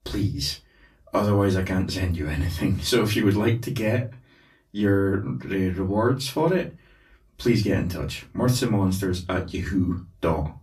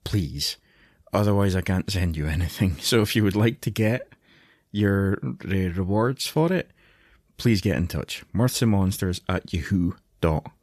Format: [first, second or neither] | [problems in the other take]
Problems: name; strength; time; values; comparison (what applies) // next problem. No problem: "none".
second | off-mic speech; far // room echo; very slight; dies away in 0.2 s